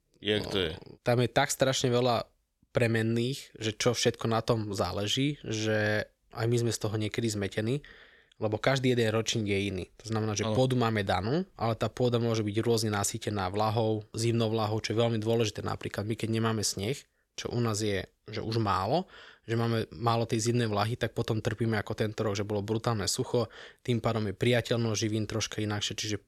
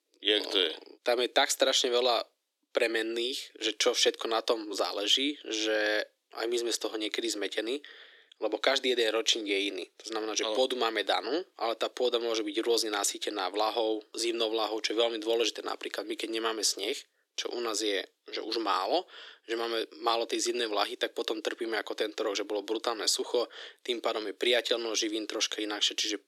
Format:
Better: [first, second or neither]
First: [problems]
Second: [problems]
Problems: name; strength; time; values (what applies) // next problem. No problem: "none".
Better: first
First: none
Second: thin; very; fading below 300 Hz